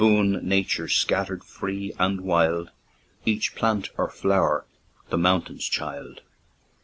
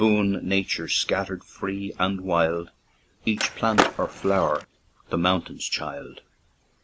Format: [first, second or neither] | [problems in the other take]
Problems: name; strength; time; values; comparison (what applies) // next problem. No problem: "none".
first | background sound (Skateboard); 1 dB below the speech